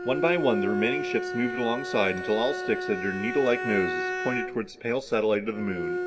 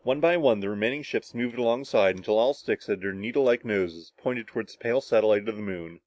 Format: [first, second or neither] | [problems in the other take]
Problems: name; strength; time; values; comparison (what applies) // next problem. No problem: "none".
second | background sound (Bowed string instrument); 4 dB below the speech // room echo; dies away in 0.3 s